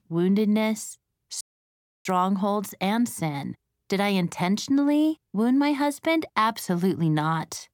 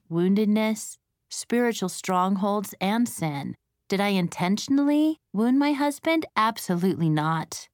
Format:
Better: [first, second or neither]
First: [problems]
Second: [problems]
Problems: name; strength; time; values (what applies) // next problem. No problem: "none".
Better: second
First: audio cutting out; at 1.5 s for 0.5 s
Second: none